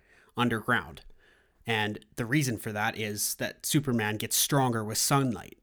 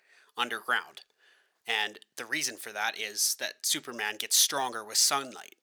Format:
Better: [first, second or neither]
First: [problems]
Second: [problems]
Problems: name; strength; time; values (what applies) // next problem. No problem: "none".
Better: first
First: none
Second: thin; very; fading below 600 Hz